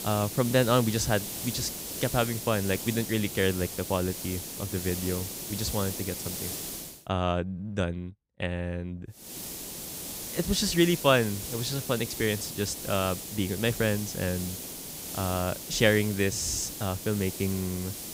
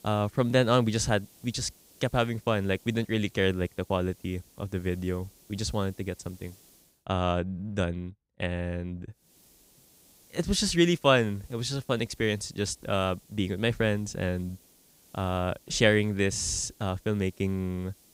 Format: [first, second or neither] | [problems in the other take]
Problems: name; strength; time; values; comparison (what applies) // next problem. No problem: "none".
second | hiss; loud; until 7 s and from 9.5 s on; 6 dB below the speech; faint in the second